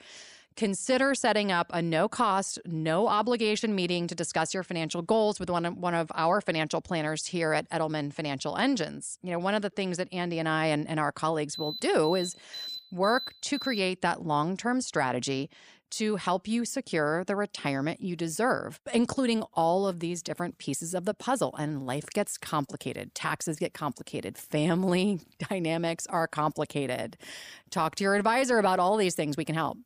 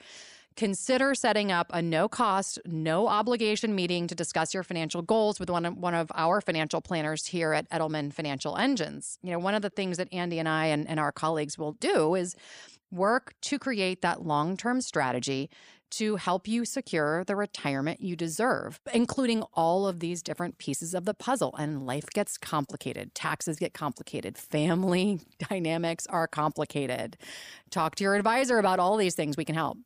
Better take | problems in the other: second | alarm; noticeable; from 12 to 14 s; peak 8 dB below the speech

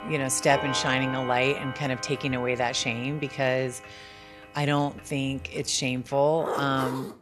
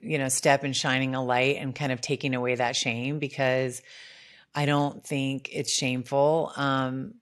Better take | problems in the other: second | household noises; loud; throughout; 9 dB below the speech

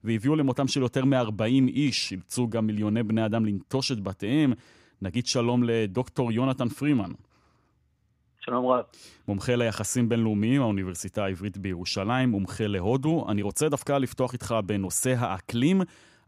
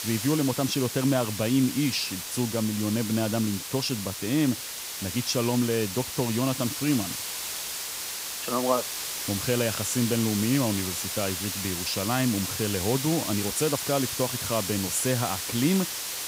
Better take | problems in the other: first | hiss; loud; throughout; 3 dB below the speech

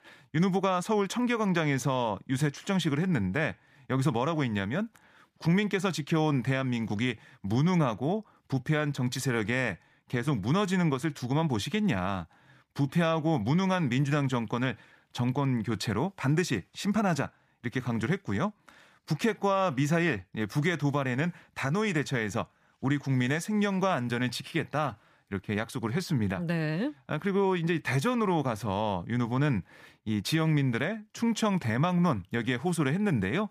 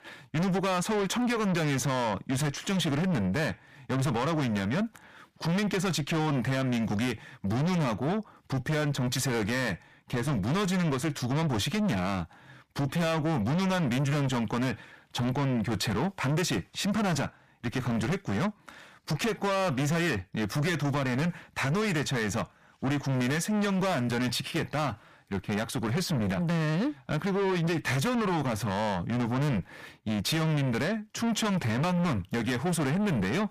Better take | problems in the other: first | distortion; heavy; 6 dB below the speech

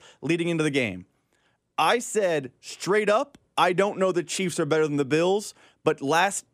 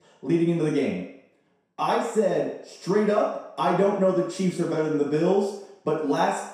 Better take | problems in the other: first | room echo; noticeable; dies away in 0.7 s // off-mic speech; far

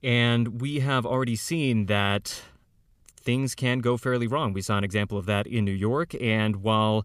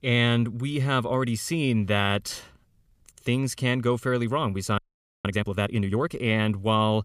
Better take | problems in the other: first | audio freezing; at 5 s

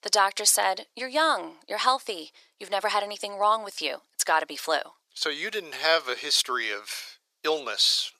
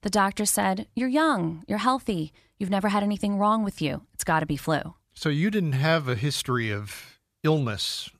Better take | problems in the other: second | thin; very; fading below 450 Hz

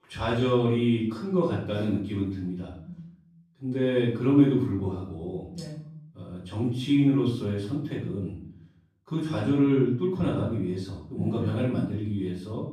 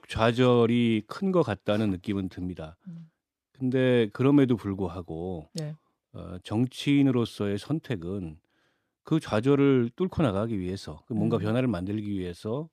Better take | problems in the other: second | off-mic speech; far // room echo; noticeable; dies away in 0.5 s

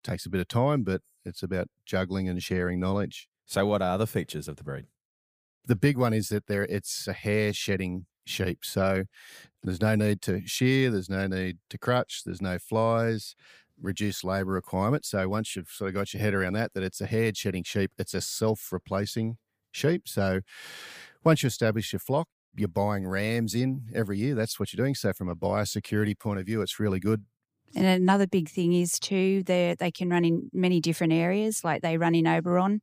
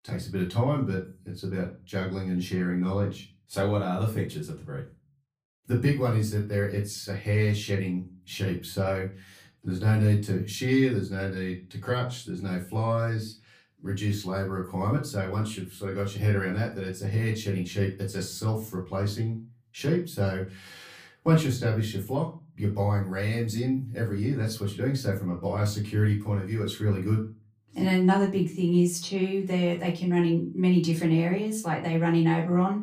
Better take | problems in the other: first | off-mic speech; far // room echo; very slight; dies away in 0.3 s

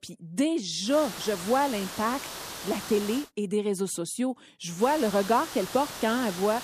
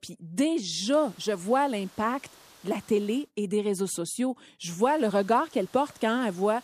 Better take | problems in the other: second | hiss; loud; from 1 to 3 s and from 5 s on; 9 dB below the speech; faint in the second

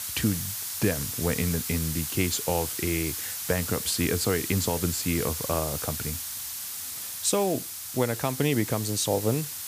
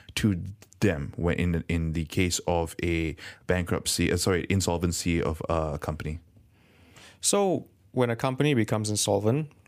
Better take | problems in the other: second | hiss; loud; throughout; 3 dB below the speech

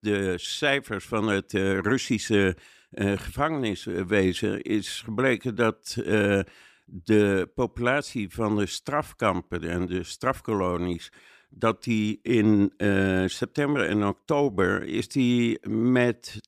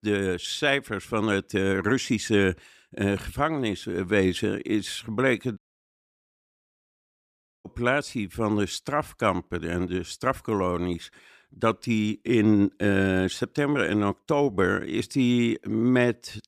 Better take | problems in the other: first | audio cutting out; at 5.5 s for 2 s

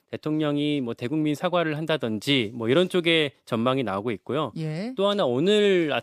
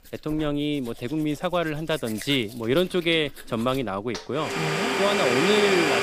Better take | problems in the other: first | household noises; loud; throughout; as loud as the speech

